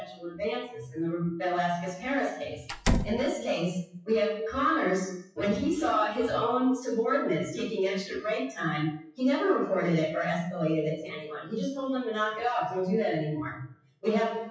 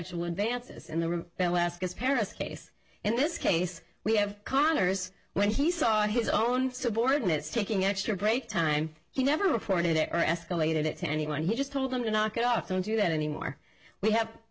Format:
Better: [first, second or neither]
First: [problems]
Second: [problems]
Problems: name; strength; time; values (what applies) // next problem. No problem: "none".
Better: second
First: noise reduction (classical method WPE with log-MMSE)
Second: none